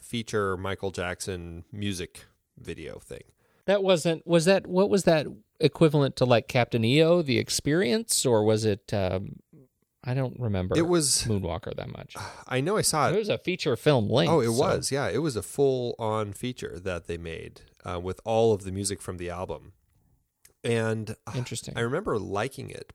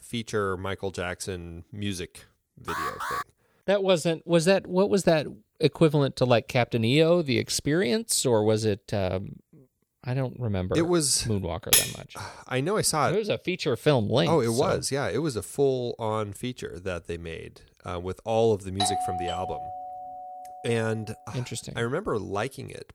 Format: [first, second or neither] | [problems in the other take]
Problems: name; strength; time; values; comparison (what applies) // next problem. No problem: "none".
first | alarm; noticeable; at 2.5 s; peak 5 dB below the speech // clattering dishes; loud; at 12 s; peak 5 dB above the speech // doorbell; noticeable; from 19 to 21 s; peak 1 dB below the speech